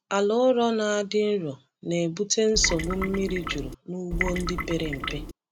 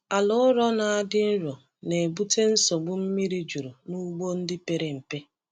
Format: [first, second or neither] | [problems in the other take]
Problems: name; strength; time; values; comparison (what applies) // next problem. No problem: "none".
second | background sound (Trickle, dribble / Water tap, faucet); 5 dB below the speech